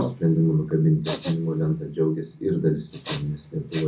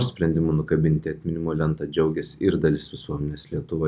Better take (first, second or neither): second